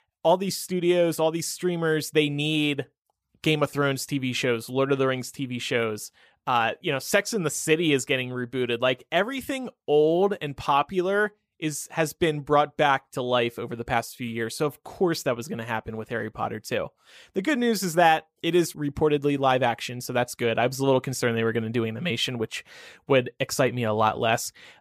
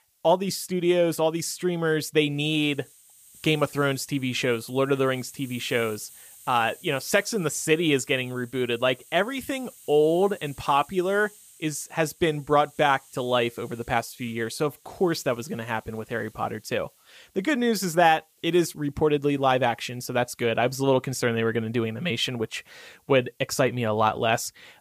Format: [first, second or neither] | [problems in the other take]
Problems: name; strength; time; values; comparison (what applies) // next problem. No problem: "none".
first | hiss; faint; throughout; 25 dB below the speech